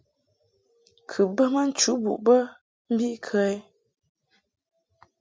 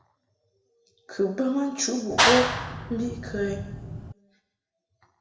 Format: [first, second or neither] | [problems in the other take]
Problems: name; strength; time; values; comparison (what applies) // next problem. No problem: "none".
first | background sound (Clapping); 3 dB above the speech // room echo; dies away in 0.9 s